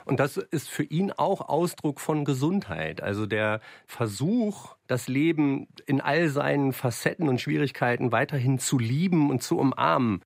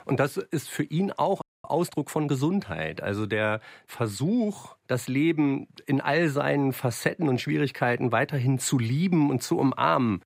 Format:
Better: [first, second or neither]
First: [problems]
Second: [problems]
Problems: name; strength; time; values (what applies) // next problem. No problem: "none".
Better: first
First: none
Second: audio freezing; at 1.5 s